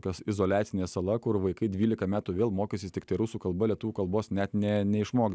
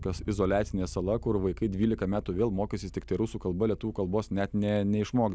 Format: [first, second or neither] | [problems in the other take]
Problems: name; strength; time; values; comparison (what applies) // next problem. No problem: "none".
first | background sound (Bass guitar); 15 dB below the speech